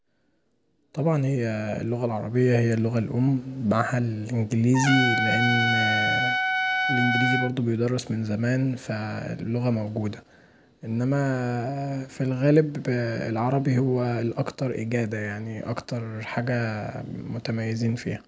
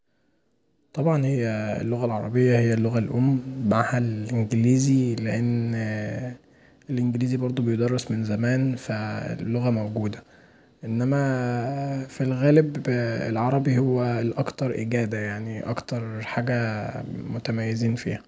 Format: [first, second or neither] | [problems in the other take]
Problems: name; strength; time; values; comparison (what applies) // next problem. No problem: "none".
second | background sound (Trumpet); 1 dB above the speech